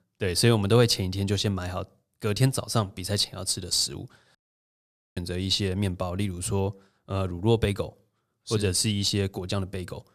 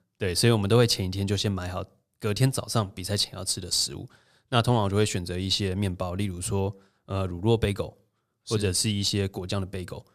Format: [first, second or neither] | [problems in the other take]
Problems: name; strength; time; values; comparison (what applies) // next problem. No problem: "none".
second | audio cutting out; at 4.5 s for 1 s